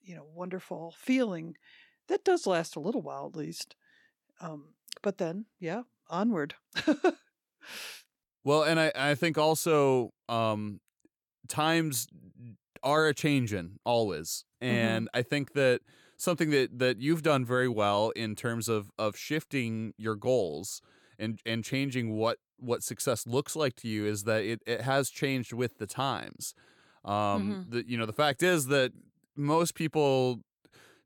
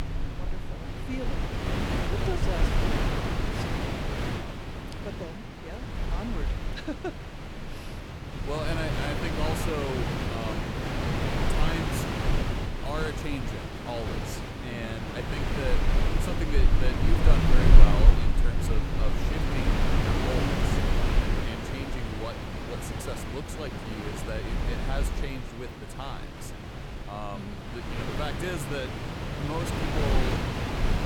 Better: first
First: none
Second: wind noise on the microphone; heavy; 3 dB above the speech

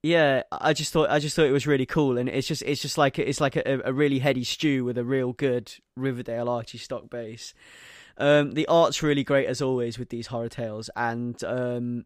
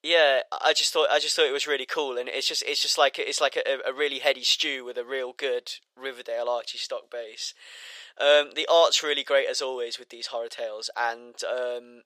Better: first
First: none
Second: thin; very; fading below 500 Hz

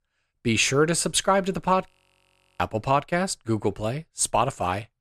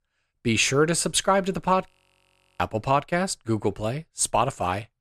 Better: neither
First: audio freezing; at 2 s for 0.5 s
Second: audio freezing; at 2 s for 0.5 s

